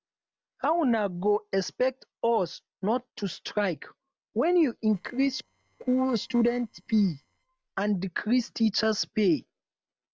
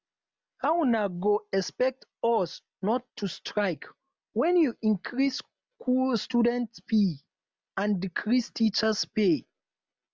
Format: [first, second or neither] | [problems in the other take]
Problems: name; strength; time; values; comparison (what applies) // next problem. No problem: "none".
second | noise reduction (neural separator model SepFormer DNS4)